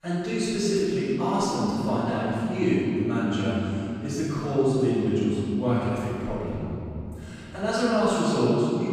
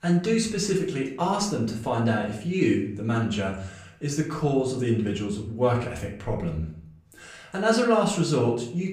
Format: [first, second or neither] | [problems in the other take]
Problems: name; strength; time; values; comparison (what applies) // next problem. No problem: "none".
second | room echo; strong; dies away in 3 s; slight in the second // off-mic speech; far; far in the second